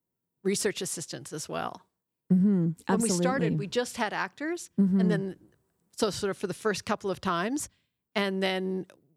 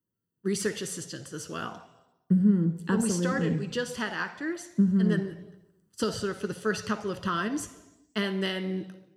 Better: first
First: none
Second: room echo; very slight; dies away in 0.9 s

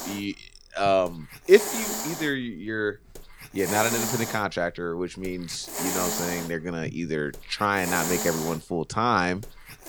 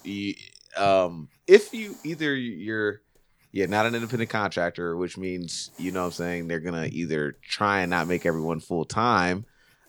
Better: second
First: hiss; loud; throughout; 3 dB below the speech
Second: hiss; faint; throughout; 25 dB below the speech

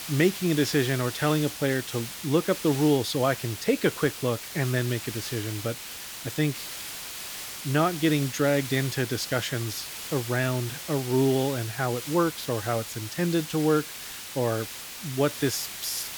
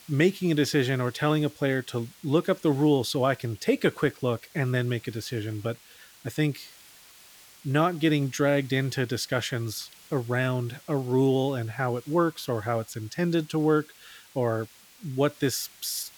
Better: second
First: hiss; loud; throughout; 8 dB below the speech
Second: hiss; faint; throughout; 25 dB below the speech

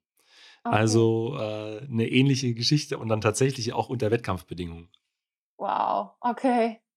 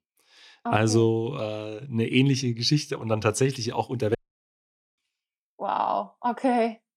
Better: first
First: none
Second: audio cutting out; at 4 s for 1 s

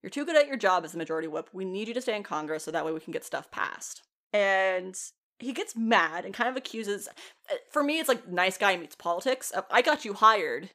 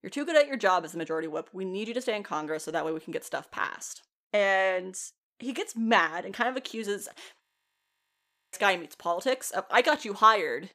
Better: first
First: none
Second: audio freezing; at 7.5 s for 1 s

